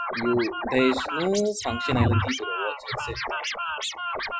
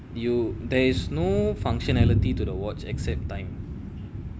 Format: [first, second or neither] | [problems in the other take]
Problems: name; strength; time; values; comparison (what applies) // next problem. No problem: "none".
second | noise reduction (classical method Wiener filter)